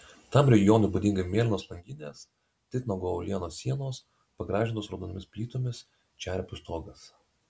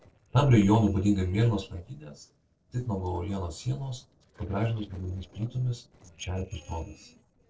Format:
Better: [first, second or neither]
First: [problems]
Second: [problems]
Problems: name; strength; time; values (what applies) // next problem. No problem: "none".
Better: first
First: none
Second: noise reduction (neural separator model SepFormer DNS4)